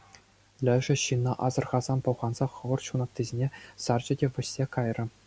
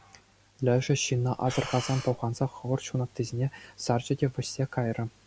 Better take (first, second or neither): first